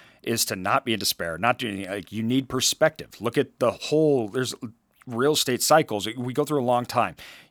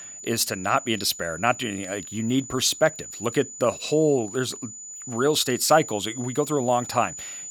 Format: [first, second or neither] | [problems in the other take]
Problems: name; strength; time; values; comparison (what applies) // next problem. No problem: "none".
first | high-pitched whine; noticeable; throughout; 7 kHz, 10 dB below the speech